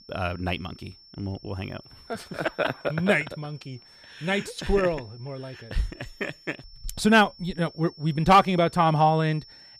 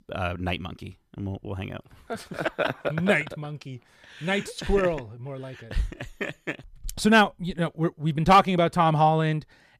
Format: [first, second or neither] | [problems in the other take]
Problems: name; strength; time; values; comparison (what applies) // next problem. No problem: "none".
second | high-pitched whine; faint; throughout; 5.5 kHz, 25 dB below the speech